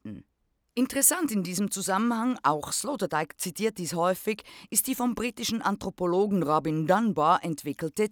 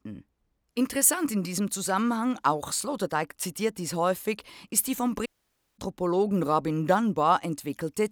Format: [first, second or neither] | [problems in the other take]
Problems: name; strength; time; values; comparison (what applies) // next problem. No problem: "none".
first | audio cutting out; at 5.5 s for 0.5 s